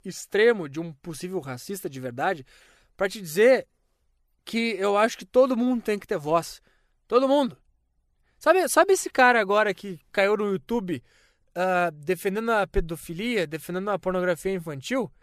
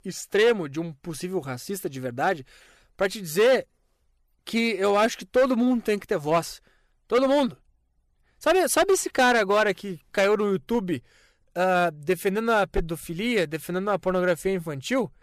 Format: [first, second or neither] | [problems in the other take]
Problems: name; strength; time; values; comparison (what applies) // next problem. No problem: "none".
first | distortion; slight; 4% of the sound clipped